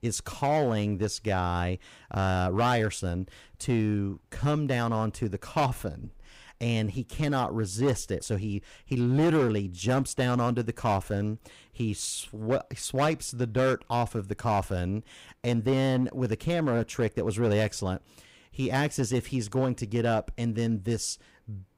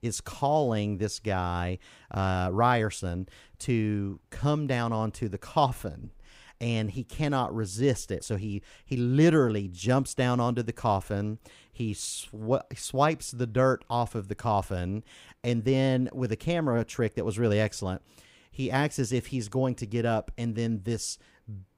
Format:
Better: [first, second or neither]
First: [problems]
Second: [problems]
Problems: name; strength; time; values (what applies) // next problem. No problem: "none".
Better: second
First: distortion; slight; 5% of the sound clipped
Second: none